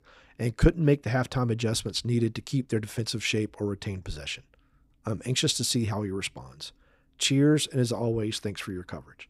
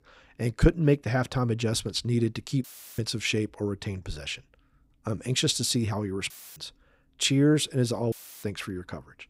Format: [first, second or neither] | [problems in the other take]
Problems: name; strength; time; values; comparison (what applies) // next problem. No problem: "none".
first | audio cutting out; filled with static; at 2.5 s, at 6.5 s and at 8 s